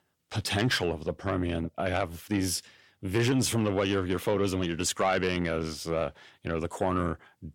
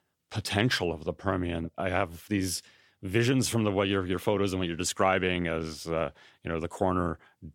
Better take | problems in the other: second | distortion; slight; 10 dB below the speech

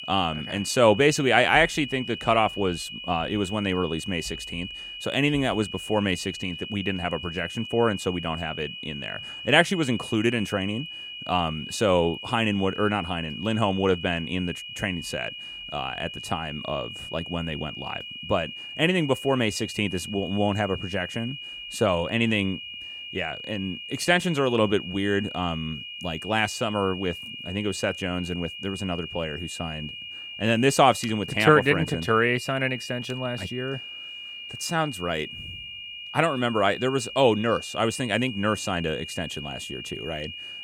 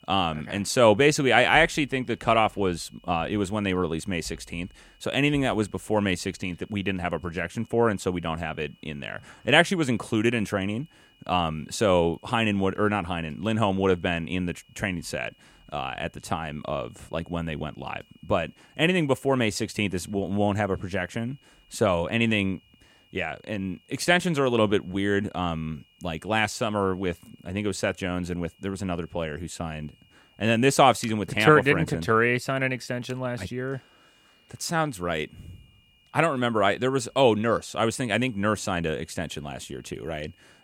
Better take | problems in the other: second | high-pitched whine; loud; throughout; 3 kHz, 10 dB below the speech; faint in the second

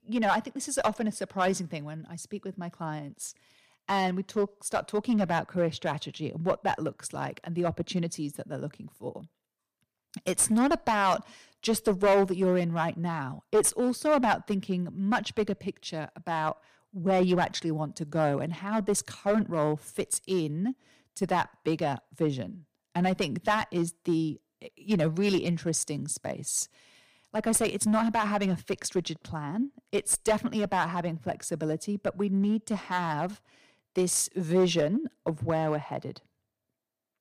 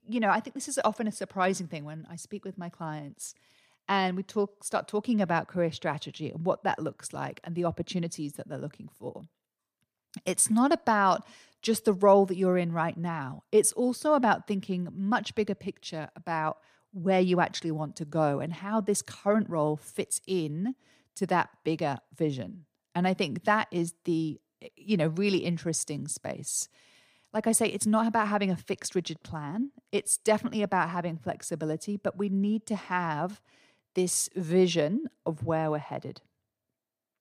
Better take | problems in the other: second | distortion; slight; 3% of the sound clipped

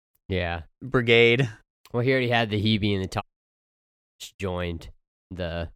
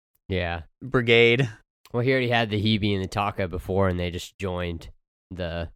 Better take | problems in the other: second | audio cutting out; at 3 s for 1 s

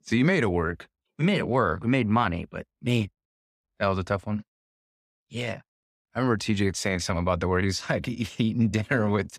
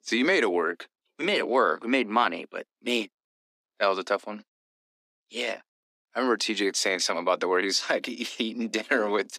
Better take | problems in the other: first | thin; somewhat; fading below 250 Hz

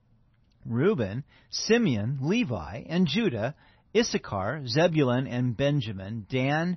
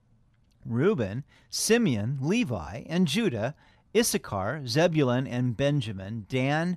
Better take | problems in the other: second | garbled, watery; slightly; nothing above 6 kHz

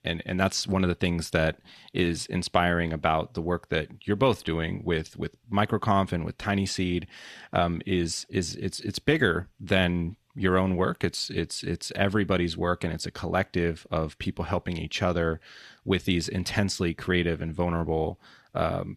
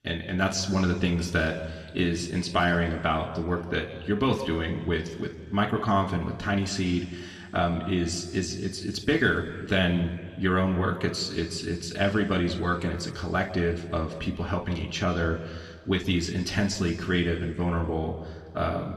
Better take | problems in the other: first | room echo; slight; dies away in 1.6 s // off-mic speech; somewhat distant

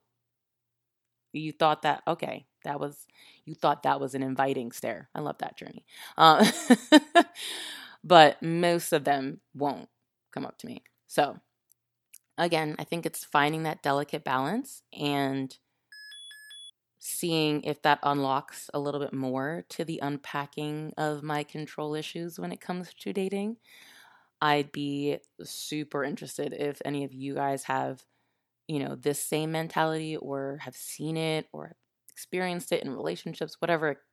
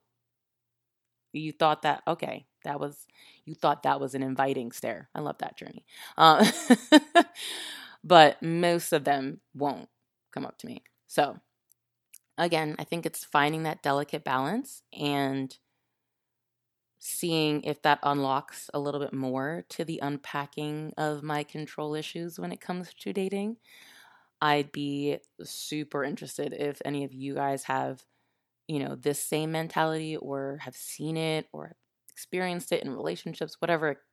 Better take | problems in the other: second | alarm; faint; at 16 s; peak 15 dB below the speech

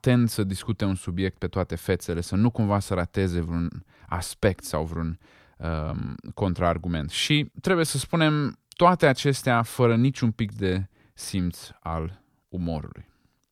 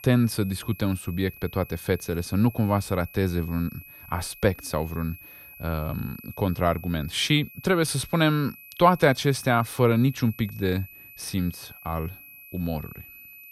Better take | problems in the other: first | high-pitched whine; noticeable; throughout; 2.5 kHz, 20 dB below the speech

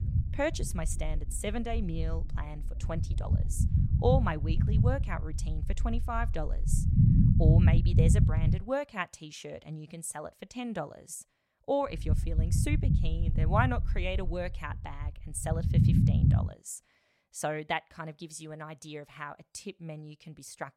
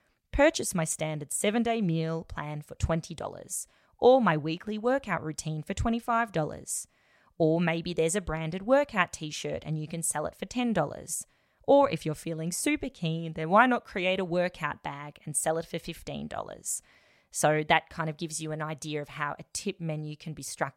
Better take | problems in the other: second | low rumble; loud; until 8.5 s and from 12 to 16 s; 3 dB below the speech

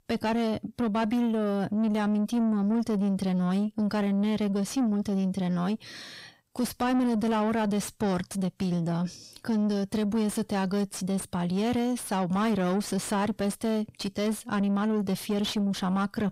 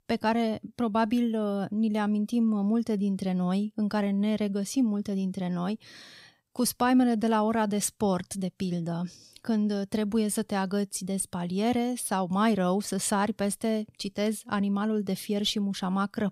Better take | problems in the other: second | distortion; slight; 10 dB below the speech

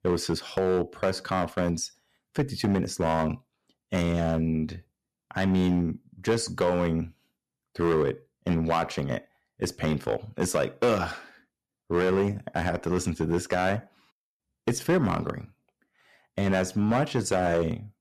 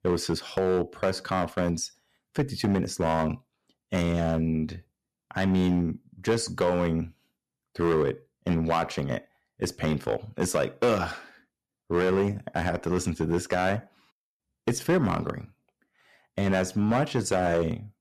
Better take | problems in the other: neither | distortion; slight; 5% of the sound clipped; the same in both

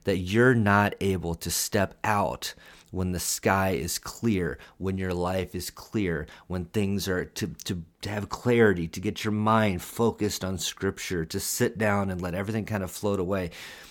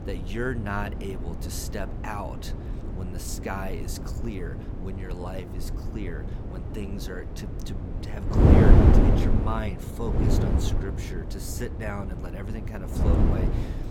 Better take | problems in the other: first | wind noise on the microphone; heavy; 2 dB above the speech

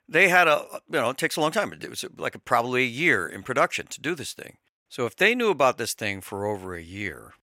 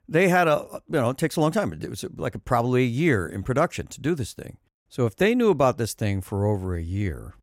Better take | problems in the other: second | thin; somewhat; fading below 650 Hz

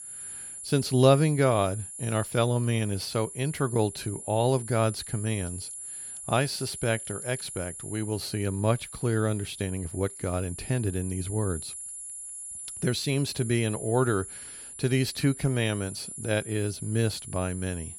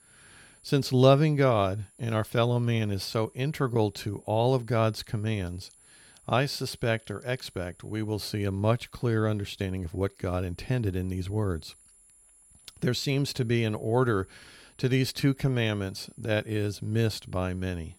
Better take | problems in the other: second | high-pitched whine; loud; throughout; 10.5 kHz, 10 dB below the speech; faint in the second

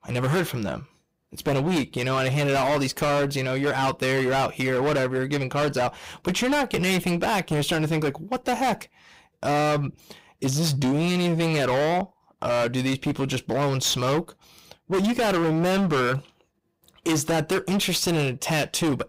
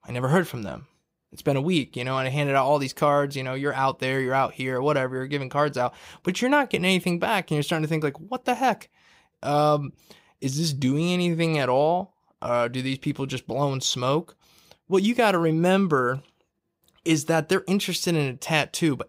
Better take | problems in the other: second | distortion; heavy; 23% of the sound clipped

